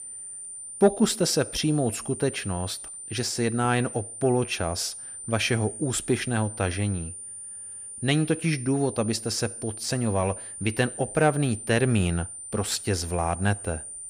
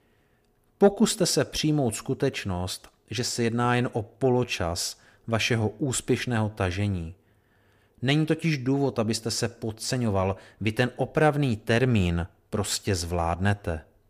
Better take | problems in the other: second | high-pitched whine; loud; throughout; 9 kHz, 10 dB below the speech

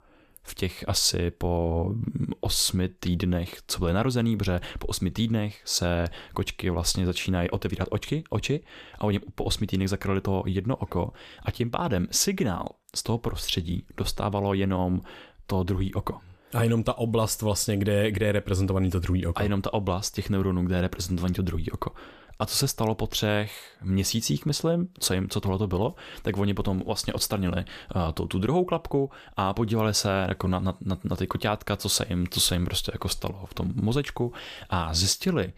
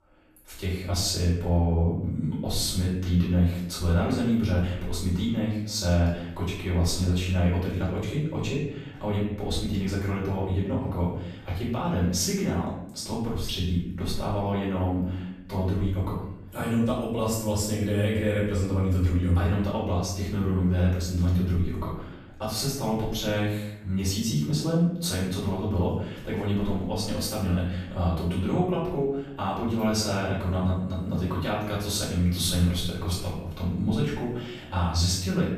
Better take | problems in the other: first | off-mic speech; far // room echo; noticeable; dies away in 0.8 s

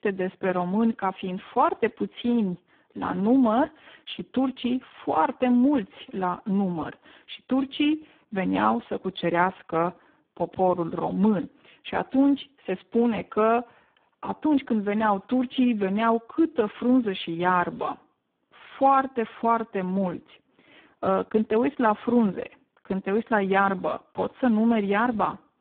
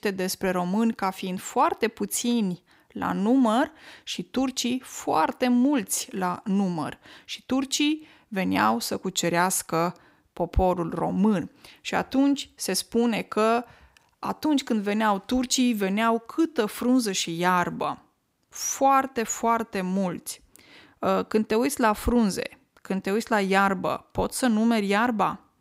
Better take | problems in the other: second | phone-call audio; poor line

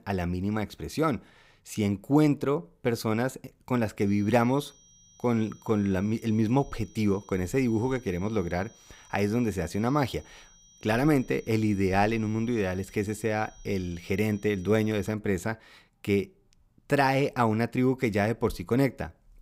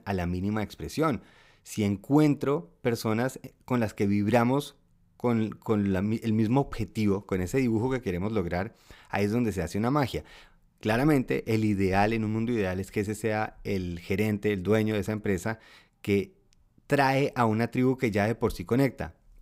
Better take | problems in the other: second | high-pitched whine; faint; from 4 to 15 s; 6 kHz, 25 dB below the speech

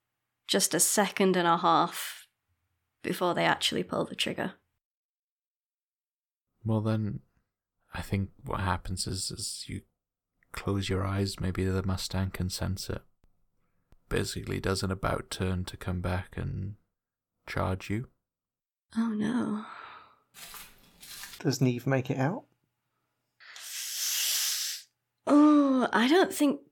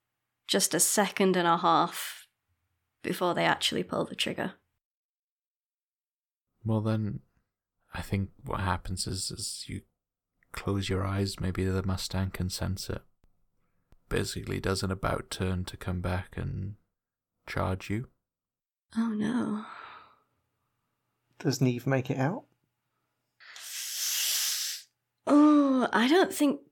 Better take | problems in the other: second | footsteps; faint; from 20 to 21 s; peak 15 dB below the speech

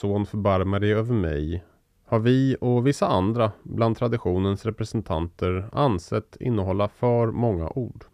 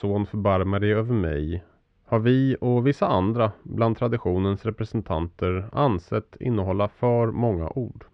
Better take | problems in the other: first | muffled; slightly; fading above 3 kHz

